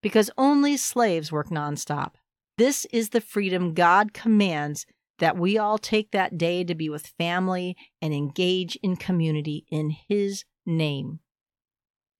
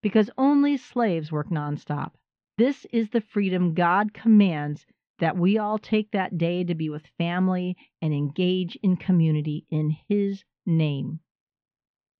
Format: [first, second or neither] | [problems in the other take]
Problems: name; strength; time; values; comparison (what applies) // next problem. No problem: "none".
first | muffled; very; fading above 3.5 kHz